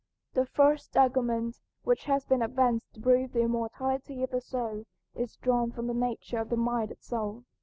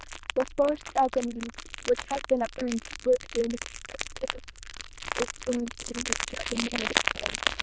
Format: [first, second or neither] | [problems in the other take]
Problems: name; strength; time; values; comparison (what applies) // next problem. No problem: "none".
first | noise reduction (neural diffusion model UNIVERSE++)